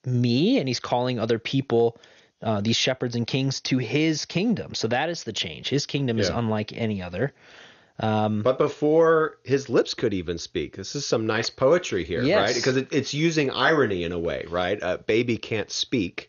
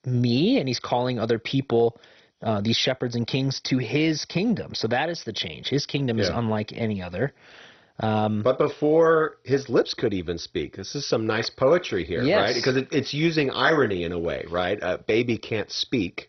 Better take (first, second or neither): first